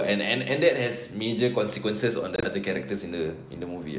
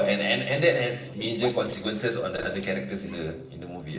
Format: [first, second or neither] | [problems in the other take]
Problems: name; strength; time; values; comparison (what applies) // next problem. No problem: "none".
first | noise reduction (neural separator model SepFormer DNS4)